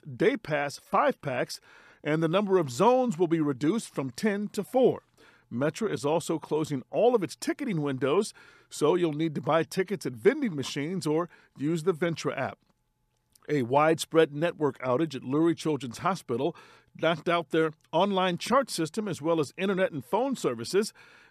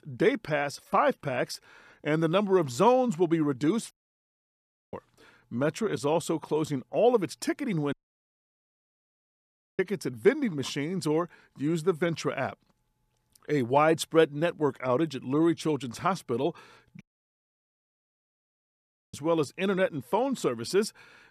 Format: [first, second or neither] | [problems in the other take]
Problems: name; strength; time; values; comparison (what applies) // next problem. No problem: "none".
first | audio cutting out; at 4 s for 1 s, at 8 s for 2 s and at 17 s for 2 s